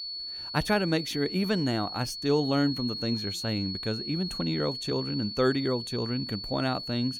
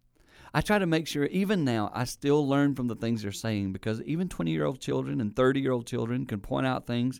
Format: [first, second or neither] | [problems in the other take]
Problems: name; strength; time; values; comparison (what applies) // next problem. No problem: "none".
second | high-pitched whine; loud; throughout; 4.5 kHz, 5 dB below the speech